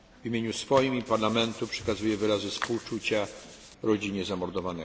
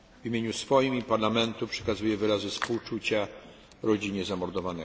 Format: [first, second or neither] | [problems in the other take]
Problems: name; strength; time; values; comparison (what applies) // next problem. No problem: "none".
second | background sound (Tools + Gunshot, gunfire); 19 dB below the speech